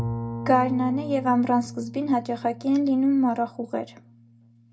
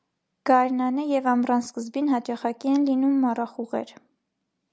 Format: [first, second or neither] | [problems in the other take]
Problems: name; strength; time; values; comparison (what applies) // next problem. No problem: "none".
second | background sound (Bowed string instrument); 11 dB below the speech // room echo; dies away in 0.2 s